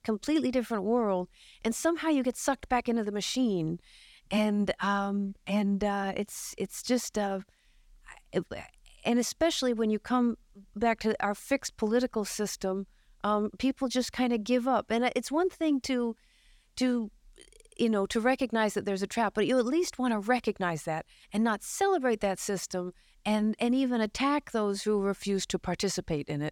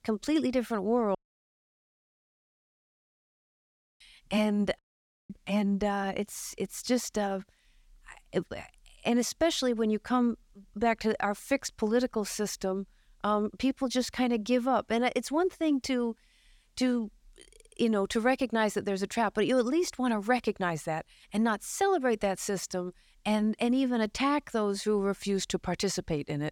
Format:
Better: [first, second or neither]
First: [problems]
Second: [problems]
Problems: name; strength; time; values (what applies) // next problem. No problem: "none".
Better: first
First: none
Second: audio cutting out; at 1 s for 3 s and at 5 s for 0.5 s